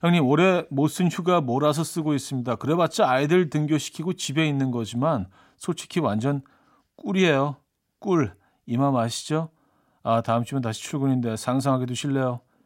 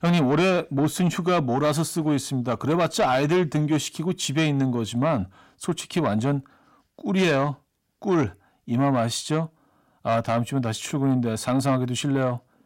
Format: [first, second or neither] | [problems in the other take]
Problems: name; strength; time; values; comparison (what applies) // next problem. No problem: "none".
first | distortion; slight; 10 dB below the speech